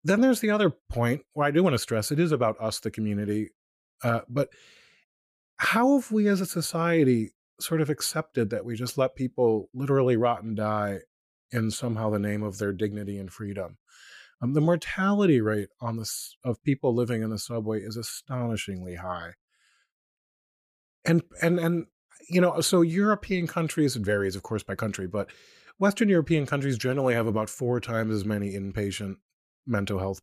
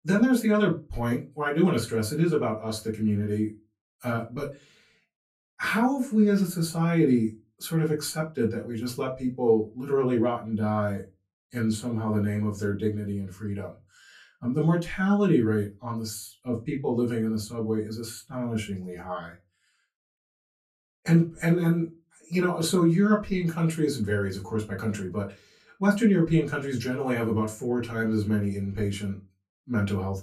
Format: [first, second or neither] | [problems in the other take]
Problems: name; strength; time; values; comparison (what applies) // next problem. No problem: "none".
first | off-mic speech; far // room echo; very slight; dies away in 0.2 s